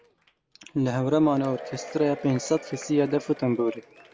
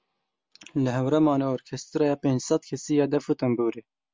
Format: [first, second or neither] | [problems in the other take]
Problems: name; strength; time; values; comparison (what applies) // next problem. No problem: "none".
second | background sound (Applause / Crowd / Cheering); 16 dB below the speech